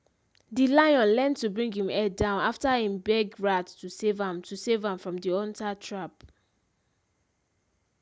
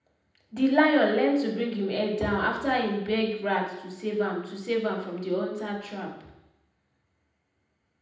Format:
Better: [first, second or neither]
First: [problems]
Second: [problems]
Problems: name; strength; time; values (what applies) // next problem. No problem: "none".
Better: first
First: none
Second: room echo; dies away in 0.8 s